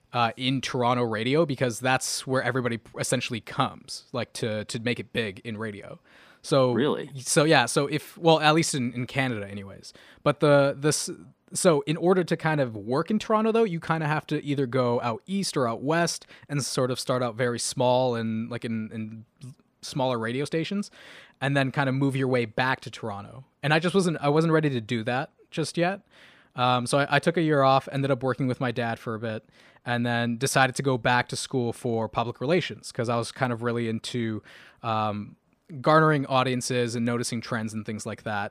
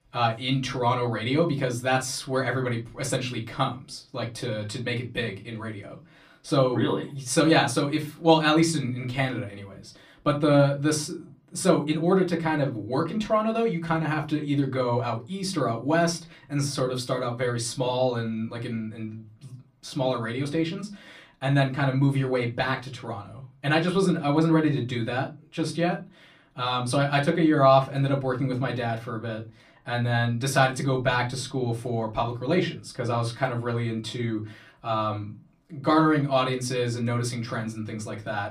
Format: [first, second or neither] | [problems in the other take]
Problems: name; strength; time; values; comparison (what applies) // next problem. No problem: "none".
first | off-mic speech; far // room echo; very slight; dies away in 0.2 s